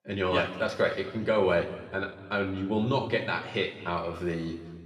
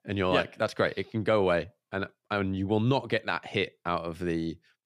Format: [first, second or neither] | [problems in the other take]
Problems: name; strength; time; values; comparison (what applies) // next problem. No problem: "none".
second | room echo; noticeable; dies away in 1.6 s // off-mic speech; somewhat distant